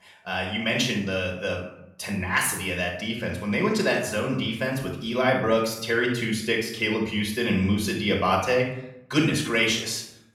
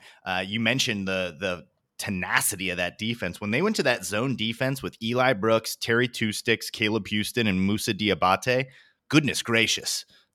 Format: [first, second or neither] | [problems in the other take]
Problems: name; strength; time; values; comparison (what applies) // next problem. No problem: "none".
second | off-mic speech; somewhat distant // room echo; noticeable; dies away in 0.7 s